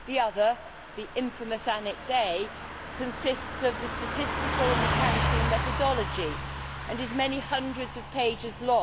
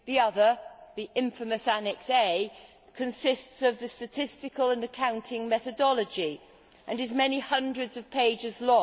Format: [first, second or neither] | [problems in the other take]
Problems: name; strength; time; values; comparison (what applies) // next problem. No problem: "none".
second | background sound (Car passing by / Truck); 2 dB below the speech